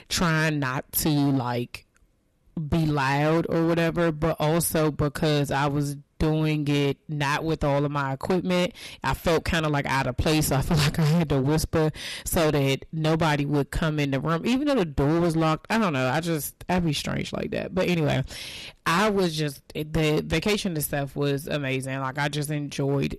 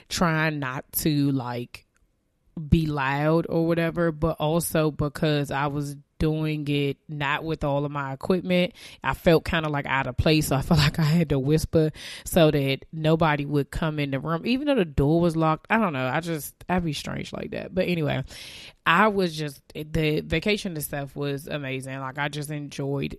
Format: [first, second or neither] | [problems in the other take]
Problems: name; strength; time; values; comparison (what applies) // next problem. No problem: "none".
second | distortion; heavy; 16% of the sound clipped